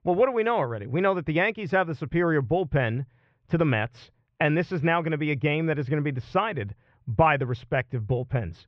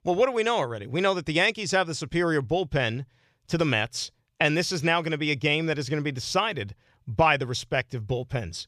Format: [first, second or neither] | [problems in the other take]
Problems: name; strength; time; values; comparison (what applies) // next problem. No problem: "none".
second | muffled; very; fading above 2 kHz